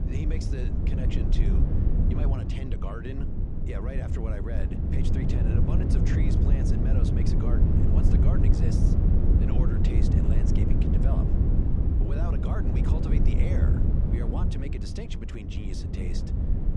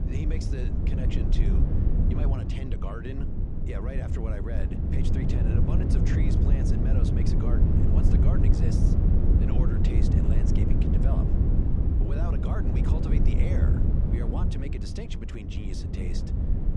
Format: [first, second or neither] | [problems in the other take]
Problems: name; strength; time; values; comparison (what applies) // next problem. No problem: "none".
neither | wind noise on the microphone; heavy; 4 dB above the speech; the same in both